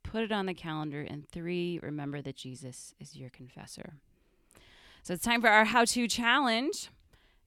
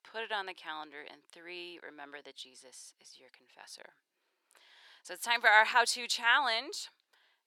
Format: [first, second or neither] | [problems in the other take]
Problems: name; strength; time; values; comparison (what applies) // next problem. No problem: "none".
first | thin; very; fading below 500 Hz